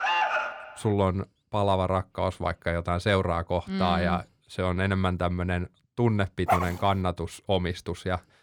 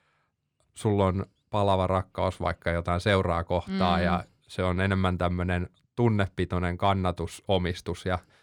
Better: second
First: alarm; loud; at the start; peak 3 dB above the speech // dog barking; loud; at 6.5 s; peak 1 dB above the speech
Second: none

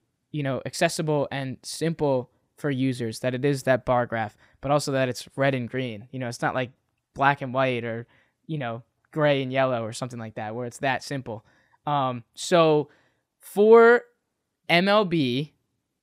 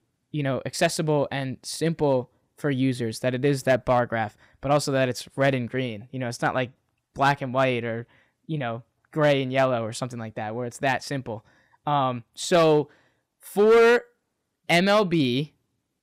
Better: first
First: none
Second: distortion; slight; 2% of the sound clipped

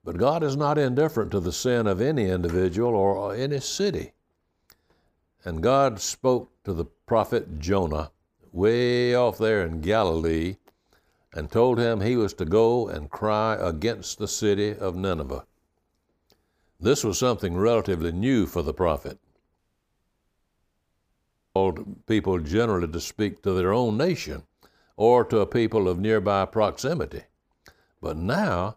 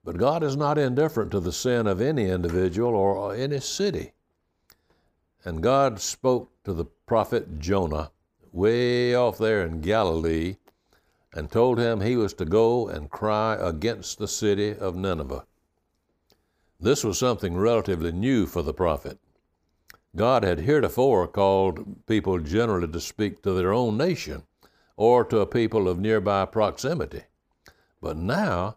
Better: second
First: audio cutting out; at 20 s for 2 s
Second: none

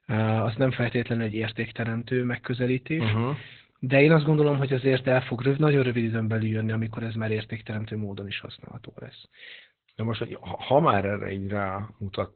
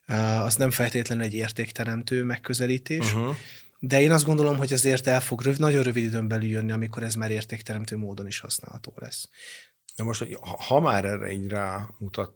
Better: second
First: garbled, watery; badly; nothing above 4 kHz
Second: garbled, watery; slightly; nothing above 19 kHz

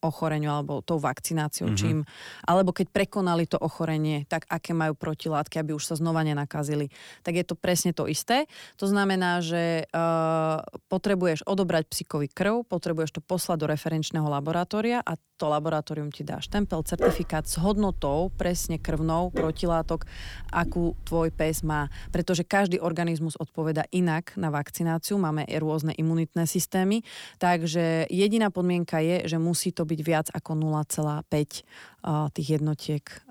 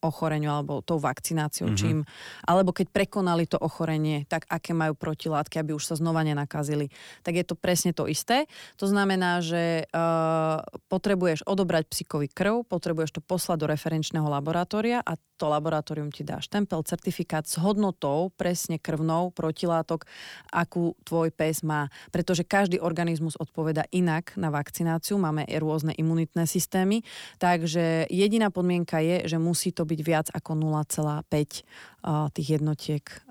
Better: second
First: dog barking; loud; from 17 to 22 s; peak 1 dB above the speech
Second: none

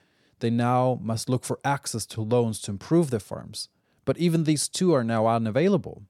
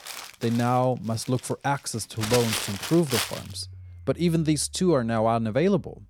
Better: first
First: none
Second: household noises; loud; throughout; 6 dB below the speech

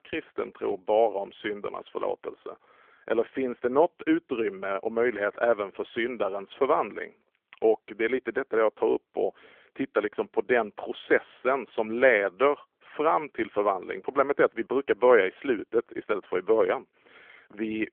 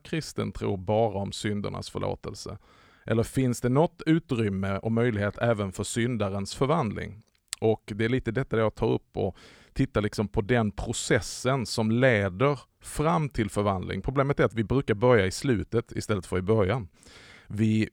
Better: second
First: phone-call audio; nothing above 3.5 kHz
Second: none

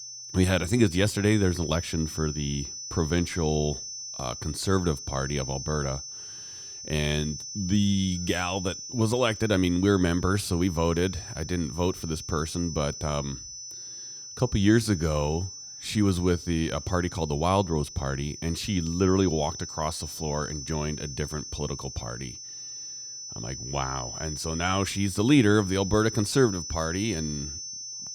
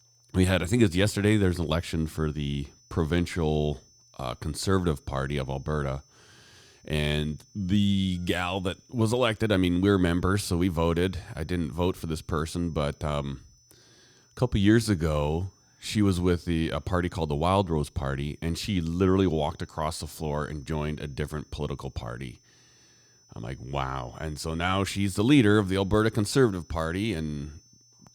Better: second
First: high-pitched whine; loud; throughout; 6 kHz, 9 dB below the speech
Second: high-pitched whine; faint; throughout; 6 kHz, 30 dB below the speech

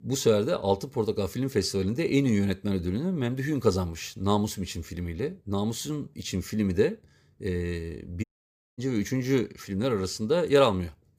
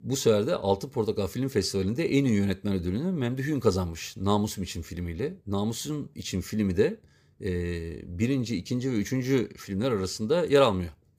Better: second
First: audio cutting out; at 8 s for 0.5 s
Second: none

